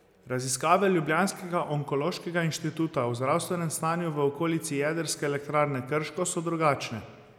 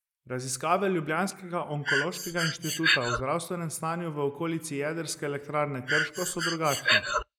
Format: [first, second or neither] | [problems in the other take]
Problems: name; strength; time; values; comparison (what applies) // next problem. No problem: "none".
first | noise reduction (neural mask model Resemble Enhance denoiser)